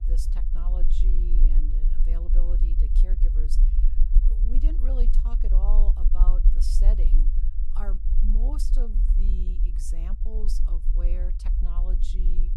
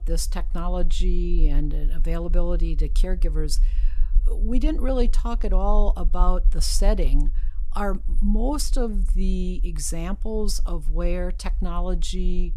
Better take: second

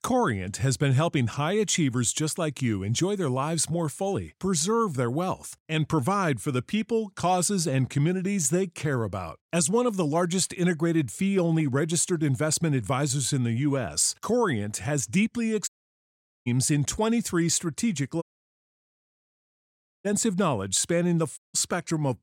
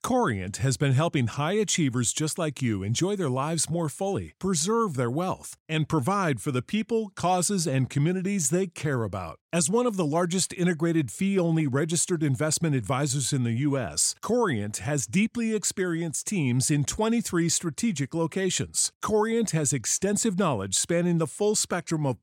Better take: second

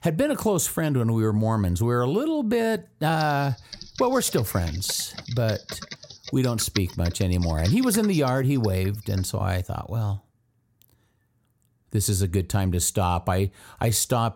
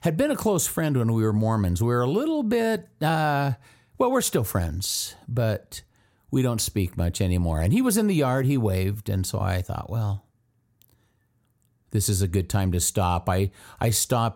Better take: second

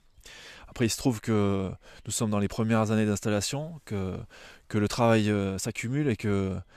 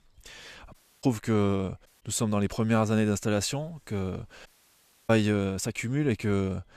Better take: first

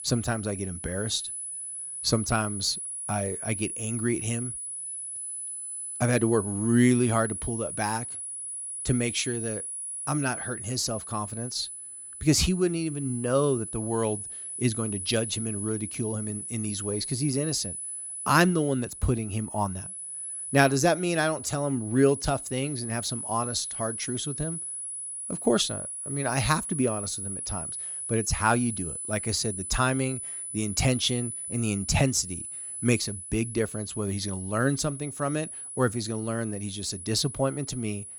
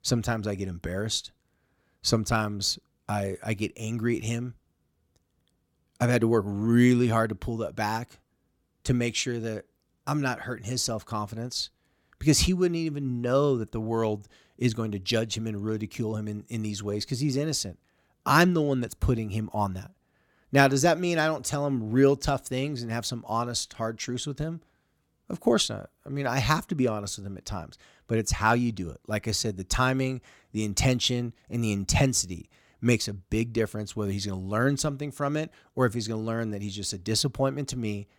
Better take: second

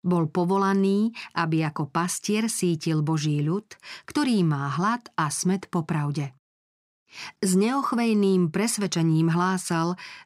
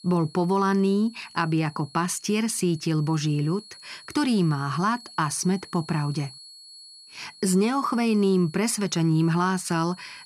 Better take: first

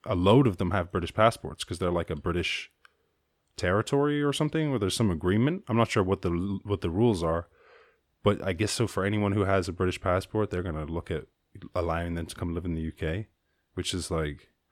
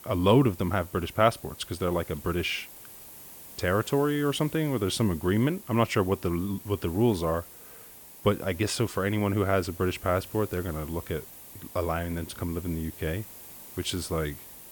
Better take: first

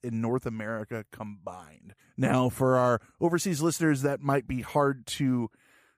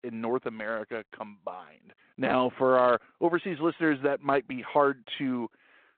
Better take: first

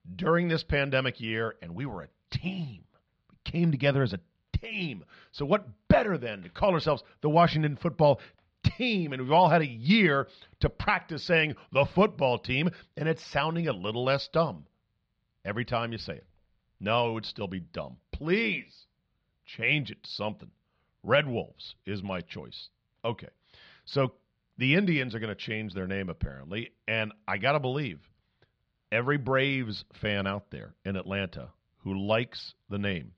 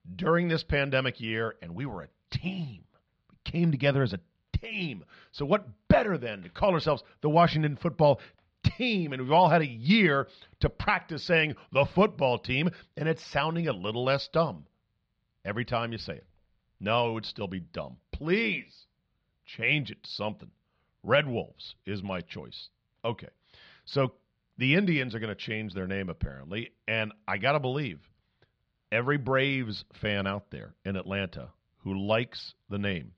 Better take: neither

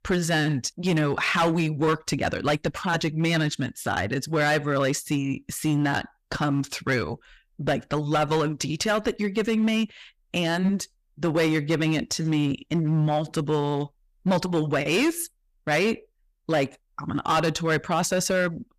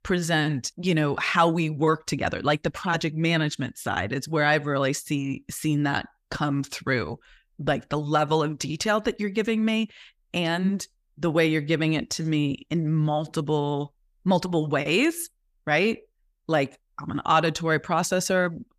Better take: second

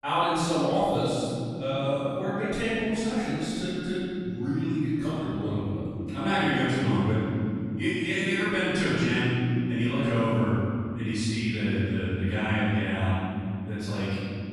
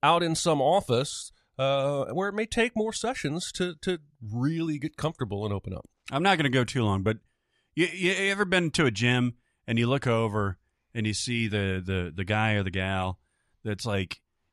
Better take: second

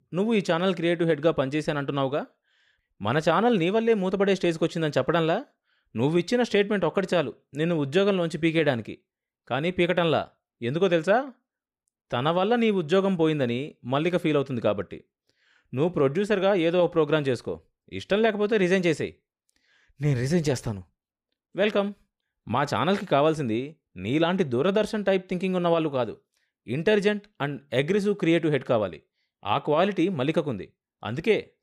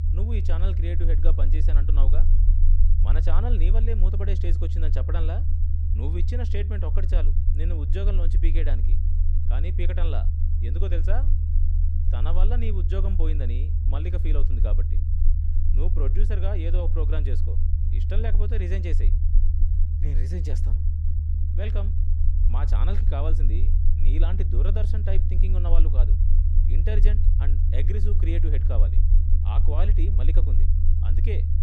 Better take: first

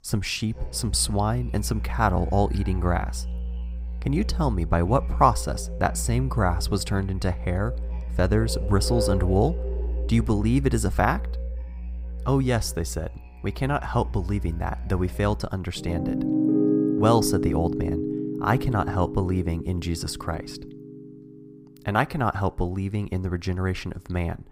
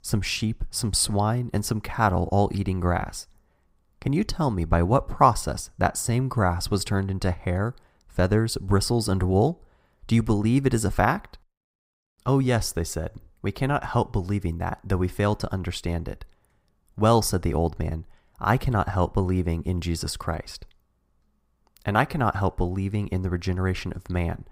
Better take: second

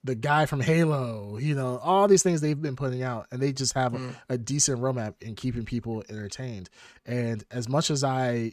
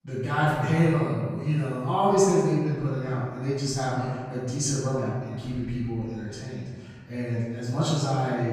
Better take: first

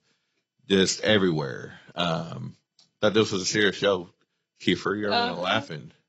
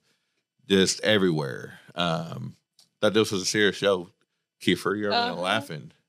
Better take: second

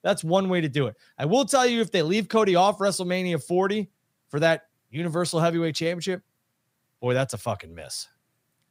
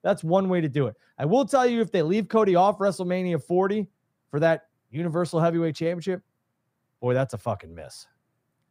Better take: first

